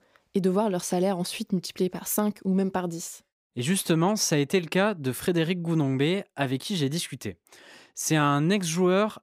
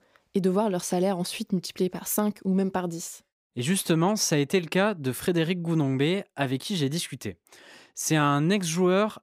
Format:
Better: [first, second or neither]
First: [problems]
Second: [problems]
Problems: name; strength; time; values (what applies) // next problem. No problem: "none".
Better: neither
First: none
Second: none